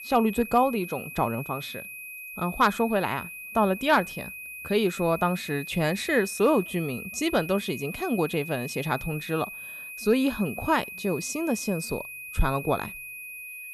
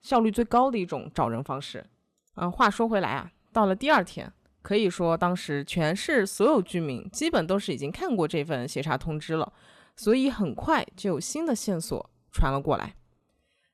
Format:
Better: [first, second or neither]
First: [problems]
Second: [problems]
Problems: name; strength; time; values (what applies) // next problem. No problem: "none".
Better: second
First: high-pitched whine; noticeable; throughout; 2.5 kHz, 10 dB below the speech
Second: none